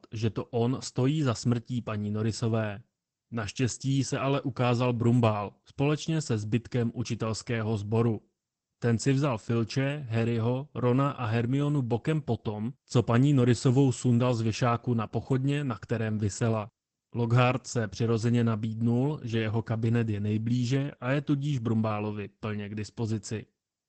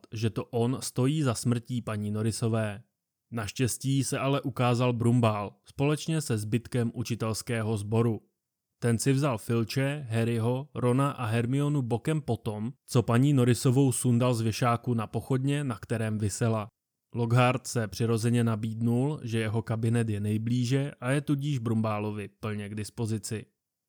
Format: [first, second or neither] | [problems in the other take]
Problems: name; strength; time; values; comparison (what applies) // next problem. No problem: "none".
second | garbled, watery; badly; nothing above 8 kHz